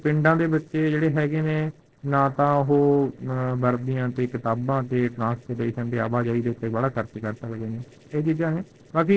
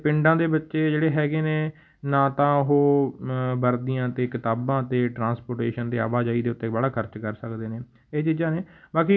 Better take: second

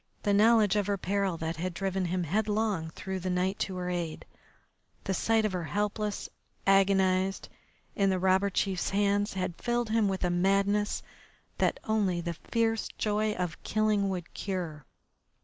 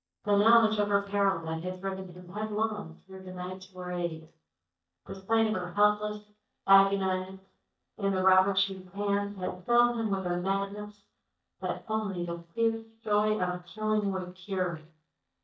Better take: first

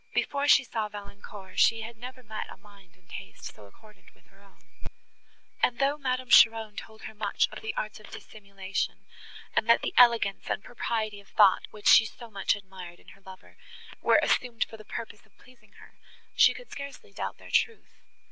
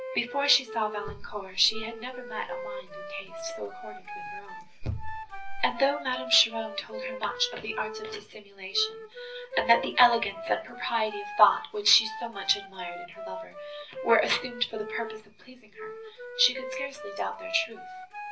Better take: first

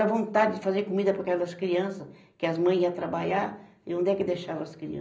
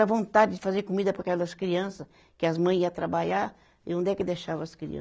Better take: second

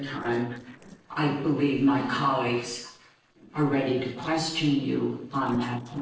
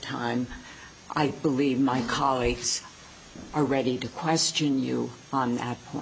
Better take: second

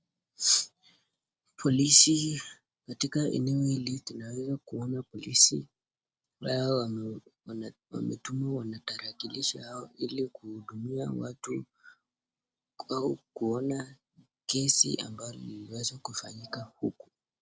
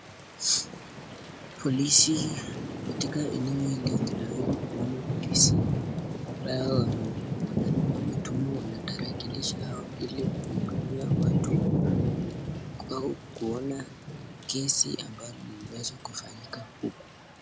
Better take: first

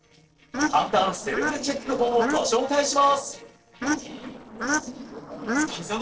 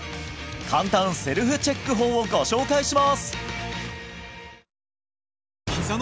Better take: second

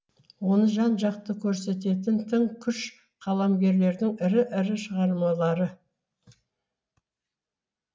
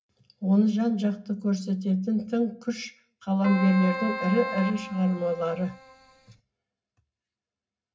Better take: first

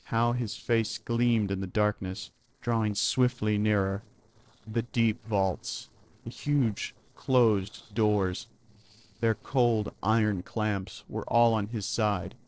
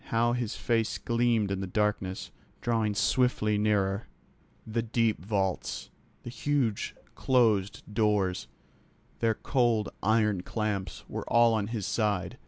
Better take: second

